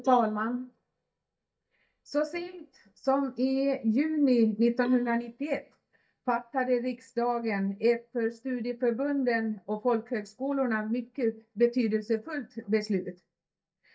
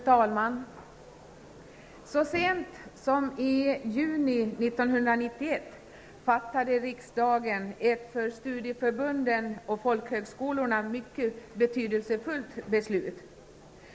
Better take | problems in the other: second | noise reduction (neural mask model DeepFilterNet 3)

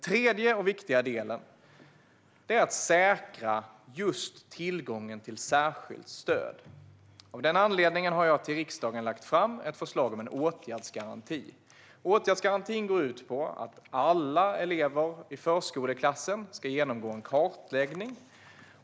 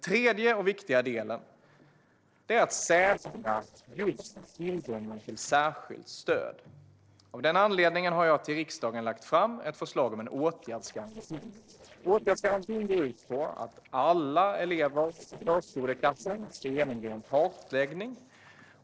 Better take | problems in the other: first | noise reduction (neural separator model SepFormer DNS4)

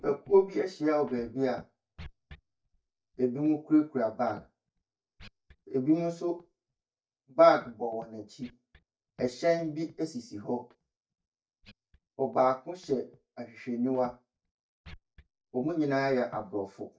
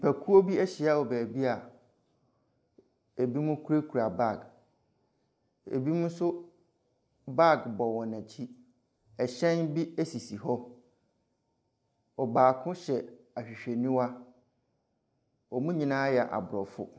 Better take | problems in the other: second | noise reduction (neural mask model DeepFilterNet 3)

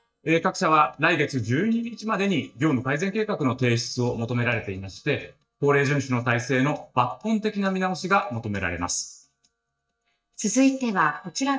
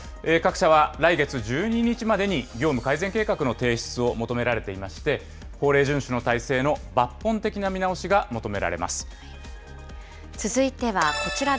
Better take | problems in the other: second | noise reduction (neural mask model DeepFilterNet 3)

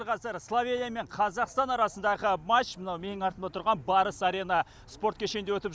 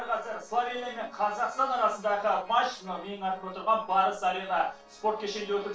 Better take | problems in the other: first | noise reduction (neural separator model SepFormer DNS4)

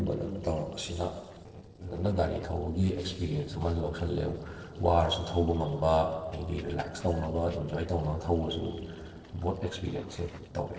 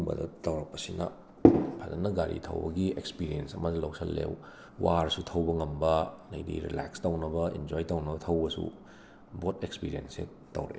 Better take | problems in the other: second | noise reduction (neural separator model SepFormer DNS4)

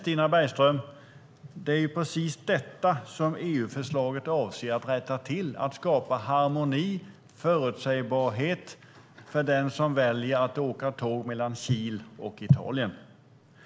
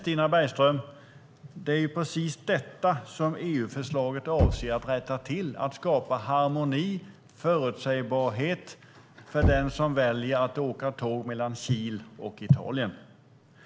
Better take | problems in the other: first | background sound (Knock); 9 dB below the speech

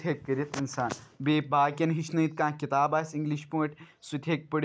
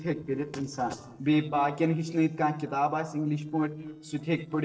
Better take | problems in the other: first | noise reduction (neural separator model SepFormer DNS4)

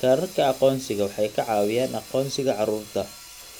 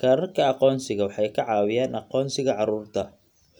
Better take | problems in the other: second | background sound (Sawing); 18 dB below the speech

